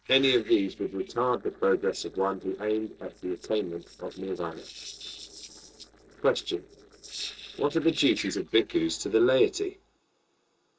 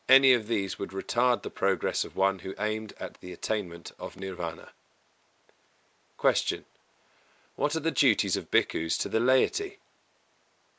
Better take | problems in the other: second | noise reduction (neural separator model SepFormer DNS4)

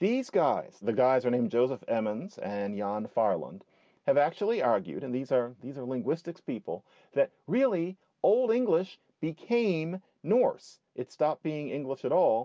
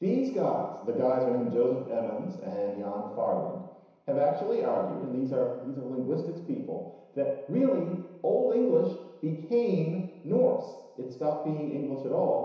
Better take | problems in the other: first | room echo; dies away in 1 s

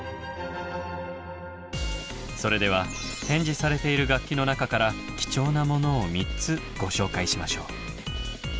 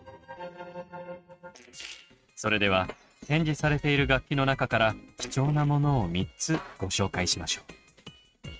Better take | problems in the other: first | noise reduction (neural mask model RNNoise)

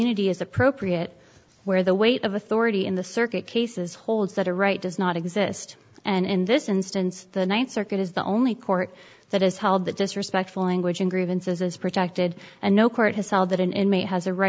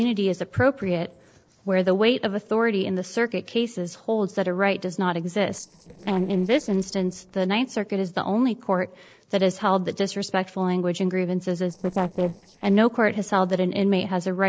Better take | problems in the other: first | noise reduction (neural separator model SepFormer DNS4)

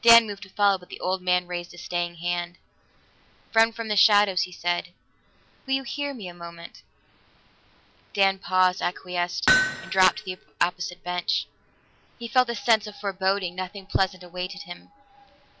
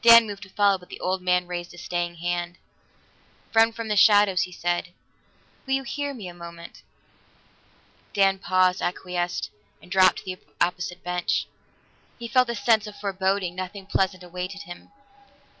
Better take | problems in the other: second | background sound (Hammer); as loud as the speech

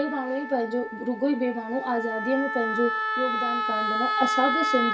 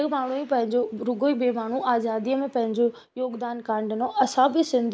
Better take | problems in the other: second | background sound (Wind instrument, woodwind instrument); 1 dB below the speech // room echo; dies away in 0.2 s

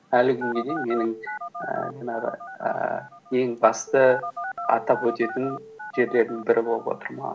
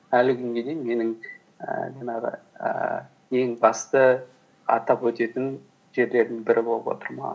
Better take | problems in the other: second | background sound (Telephone); 11 dB below the speech

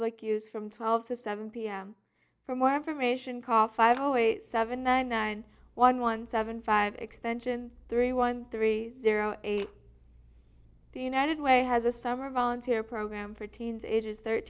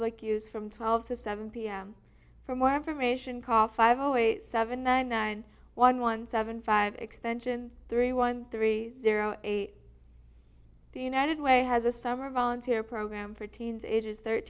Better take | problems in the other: second | noise reduction (neural mask model DeepFilterNet 3)

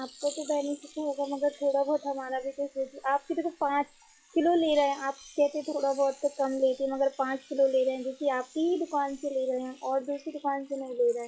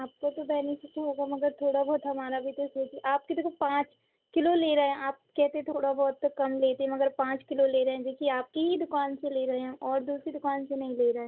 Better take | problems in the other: second | noise reduction (classical method log-MMSE)

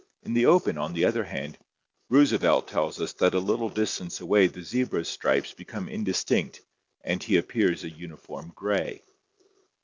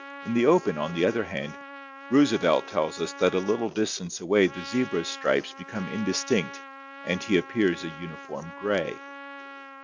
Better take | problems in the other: first | background sound (Trumpet); 15 dB below the speech

